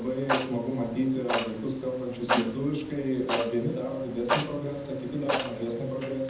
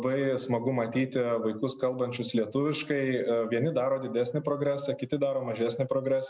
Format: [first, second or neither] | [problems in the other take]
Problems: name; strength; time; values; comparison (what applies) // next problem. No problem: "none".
second | background sound (Clock); 4 dB below the speech // room echo; dies away in 0.8 s